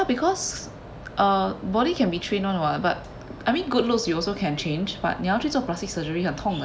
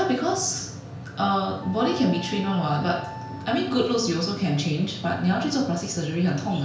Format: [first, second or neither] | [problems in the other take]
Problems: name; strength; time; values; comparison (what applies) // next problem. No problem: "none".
first | background sound (Wind instrument, woodwind instrument); 17 dB below the speech // room echo; dies away in 0.5 s